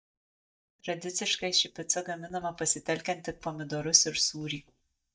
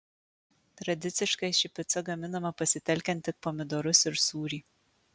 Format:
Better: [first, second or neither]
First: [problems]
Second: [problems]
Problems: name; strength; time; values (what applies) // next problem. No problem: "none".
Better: second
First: noise reduction (neural mask model DeepFilterNet 3)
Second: none